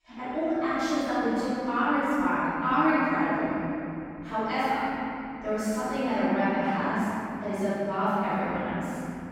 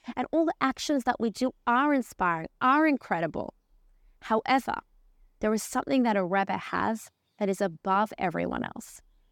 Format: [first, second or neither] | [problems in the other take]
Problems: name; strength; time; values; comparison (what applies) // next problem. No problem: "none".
second | off-mic speech; far // room echo; strong; dies away in 3 s